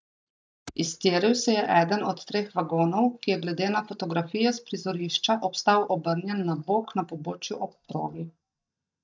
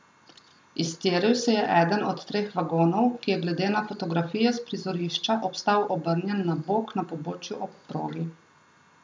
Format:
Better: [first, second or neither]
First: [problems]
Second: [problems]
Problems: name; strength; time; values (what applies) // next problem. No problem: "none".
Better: second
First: noise reduction (neural mask model DeepFilterNet 3)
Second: none